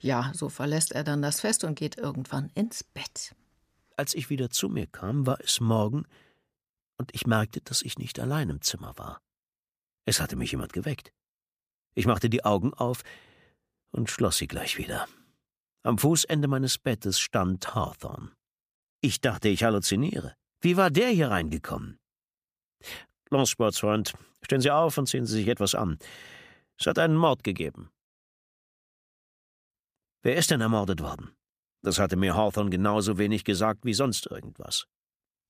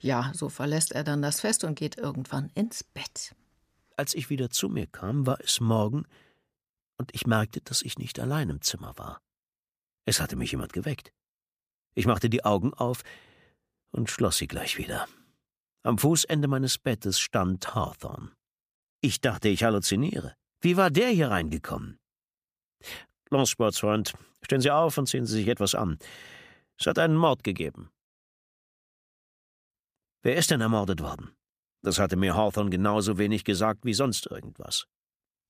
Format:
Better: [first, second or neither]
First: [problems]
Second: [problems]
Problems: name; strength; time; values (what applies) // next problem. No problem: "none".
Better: neither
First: none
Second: none